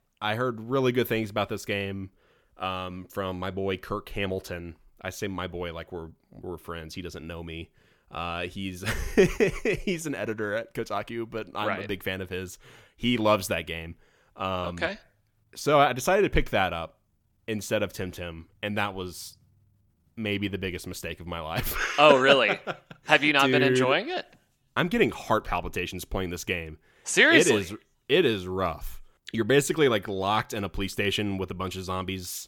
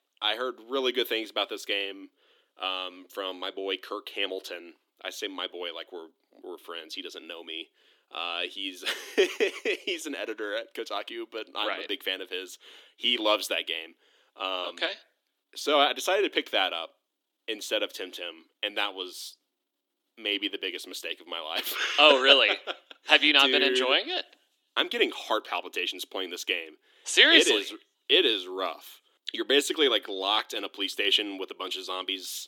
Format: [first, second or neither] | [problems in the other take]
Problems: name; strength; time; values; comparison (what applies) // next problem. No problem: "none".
first | thin; very slightly; fading below 300 Hz